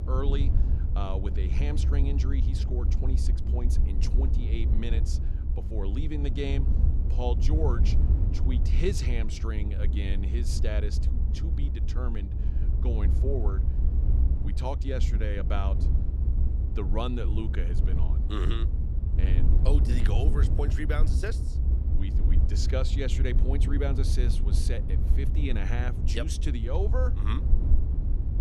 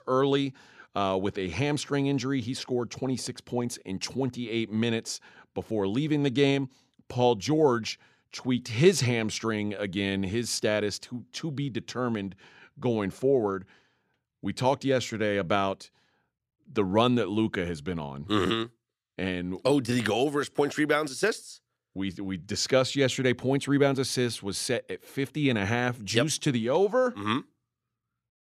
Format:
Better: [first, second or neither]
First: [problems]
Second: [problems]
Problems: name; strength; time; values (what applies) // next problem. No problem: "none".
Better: second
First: low rumble; loud; throughout; 6 dB below the speech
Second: none